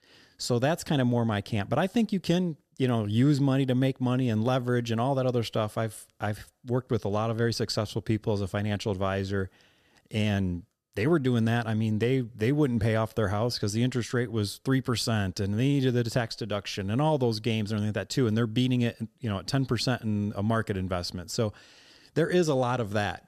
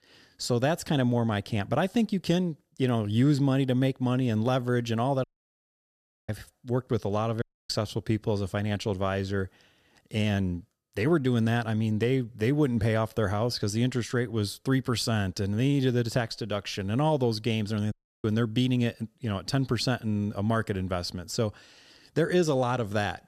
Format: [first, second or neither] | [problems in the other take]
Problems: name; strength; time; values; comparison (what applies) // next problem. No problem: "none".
first | audio cutting out; at 5 s for 1 s, at 7.5 s and at 18 s